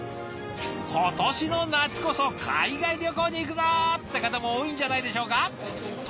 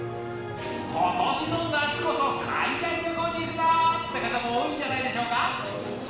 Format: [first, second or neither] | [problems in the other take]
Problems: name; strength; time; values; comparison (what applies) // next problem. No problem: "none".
first | room echo; dies away in 1.1 s